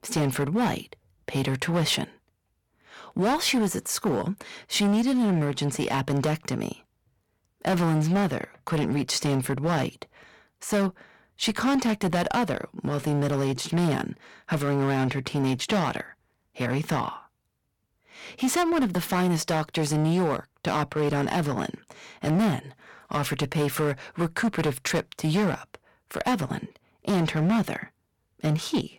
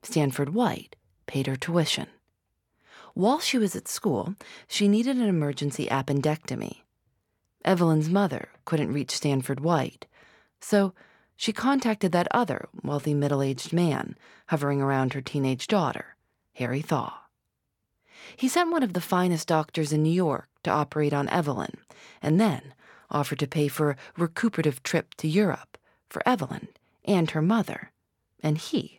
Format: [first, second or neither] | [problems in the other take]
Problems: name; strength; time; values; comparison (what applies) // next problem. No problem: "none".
second | distortion; heavy; 11% of the sound clipped